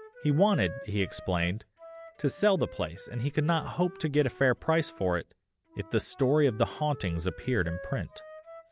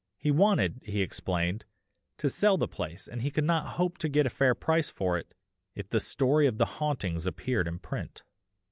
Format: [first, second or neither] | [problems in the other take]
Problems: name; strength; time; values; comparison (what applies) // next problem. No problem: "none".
second | background sound (Wind instrument, woodwind instrument); 18 dB below the speech